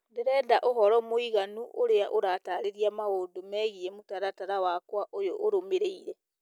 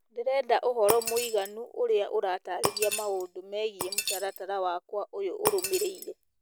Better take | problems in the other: first | background sound (Shatter); 7 dB below the speech

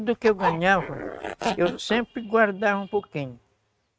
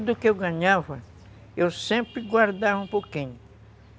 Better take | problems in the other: second | noise reduction (neural mask model RNNoise)

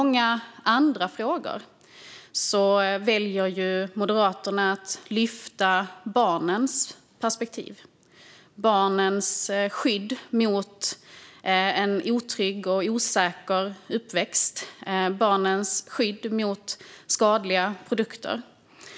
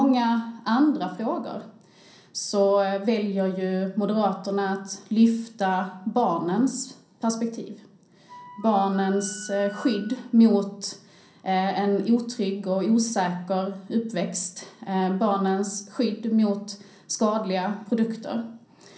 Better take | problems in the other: first | background sound (Wind instrument, woodwind instrument); 20 dB below the speech // room echo; dies away in 0.6 s

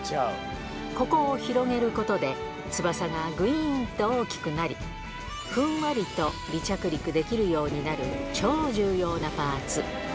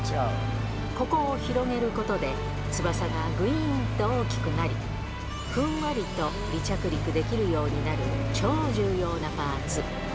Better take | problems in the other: first | background sound (Accelerating, revving, vroom); 1 dB below the speech

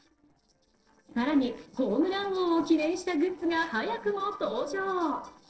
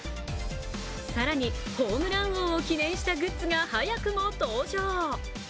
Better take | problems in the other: second | noise reduction (neural separator model SepFormer DNS4)

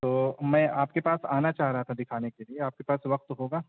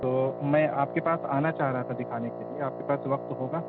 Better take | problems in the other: first | background sound (Wind instrument, woodwind instrument); 8 dB below the speech

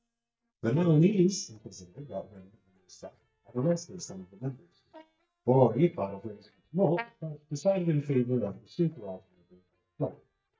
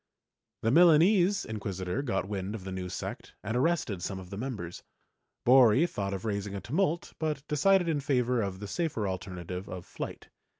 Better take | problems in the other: second | noise reduction (neural mask model DeepFilterNet 3)

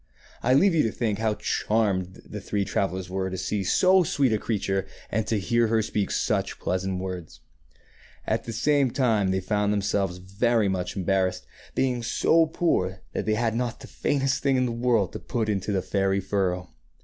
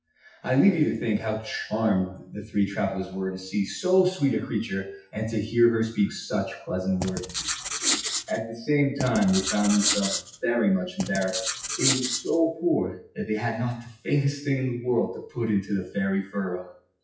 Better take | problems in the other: first | noise reduction (classical method WPE with log-MMSE)

